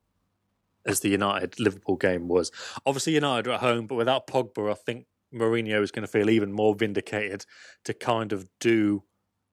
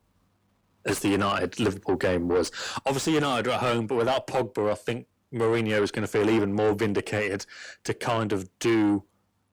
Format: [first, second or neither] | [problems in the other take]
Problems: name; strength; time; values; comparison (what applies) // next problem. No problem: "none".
first | distortion; heavy; 7 dB below the speech